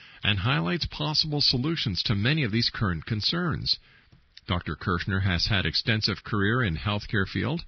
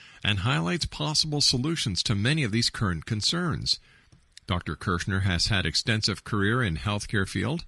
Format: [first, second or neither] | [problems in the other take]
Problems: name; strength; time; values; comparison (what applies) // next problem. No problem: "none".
second | garbled, watery; badly; nothing above 5 kHz; slightly in the second